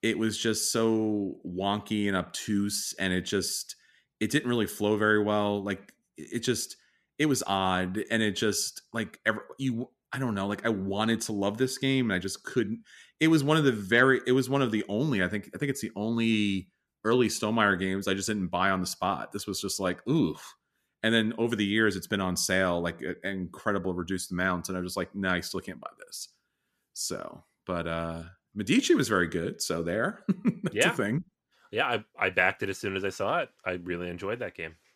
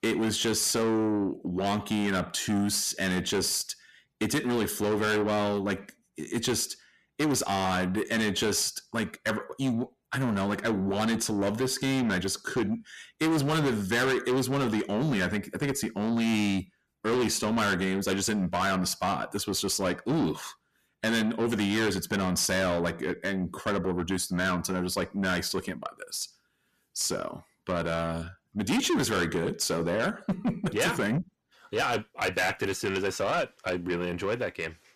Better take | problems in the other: first | distortion; heavy; 6 dB below the speech

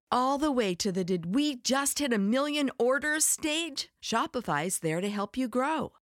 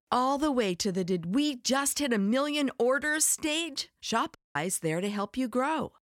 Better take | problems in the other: first | audio cutting out; at 4.5 s

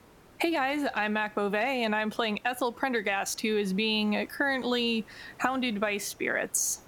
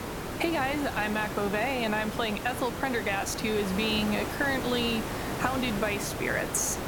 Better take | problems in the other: first | hiss; loud; throughout; 5 dB below the speech; faint in the first

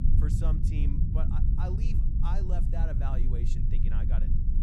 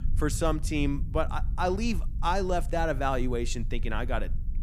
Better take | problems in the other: second | low rumble; loud; throughout; as loud as the speech; faint in the second

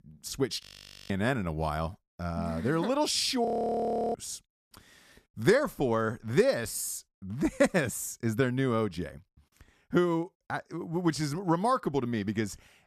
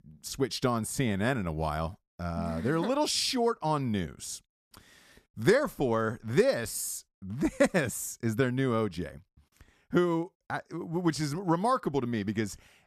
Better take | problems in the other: second | audio freezing; at 0.5 s and at 3.5 s for 0.5 s

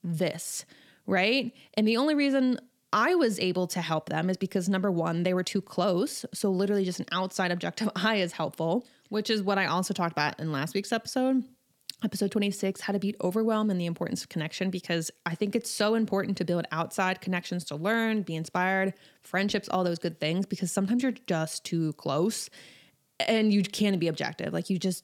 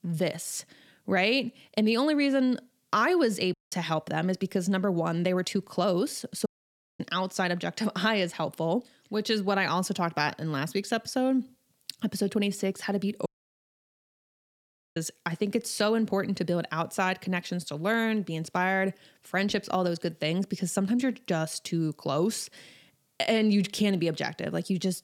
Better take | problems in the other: first | audio cutting out; at 3.5 s, at 6.5 s for 0.5 s and at 13 s for 1.5 s

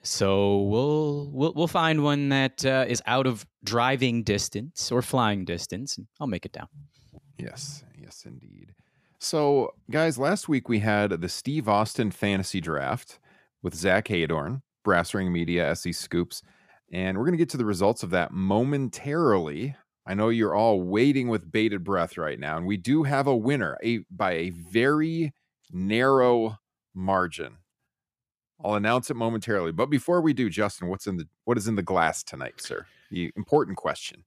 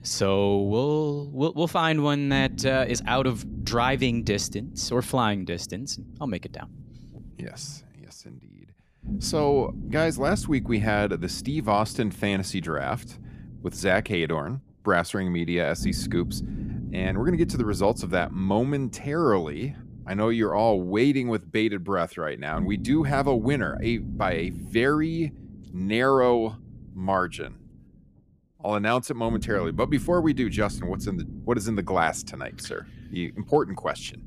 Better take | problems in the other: first | low rumble; noticeable; throughout; 20 dB below the speech

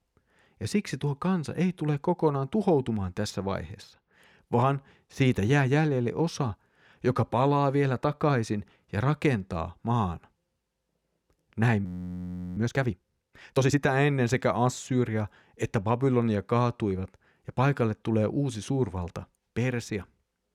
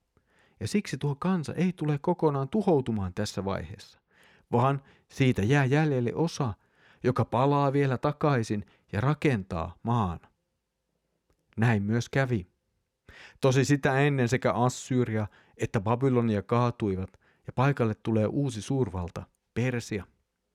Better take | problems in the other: second | audio freezing; at 12 s for 0.5 s

